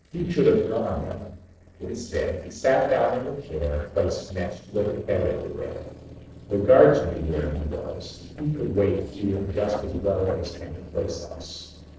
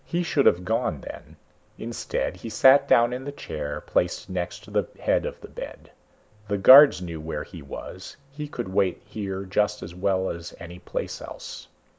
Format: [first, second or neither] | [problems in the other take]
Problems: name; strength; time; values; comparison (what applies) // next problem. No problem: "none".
second | noise reduction (neural separator model SepFormer DNS4)